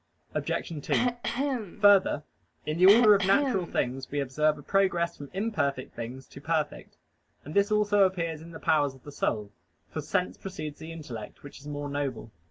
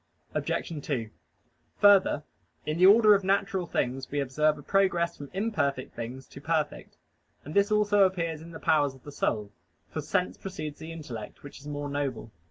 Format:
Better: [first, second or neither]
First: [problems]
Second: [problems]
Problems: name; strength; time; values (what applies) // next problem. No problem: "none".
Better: second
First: background sound (Cough); 2 dB below the speech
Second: none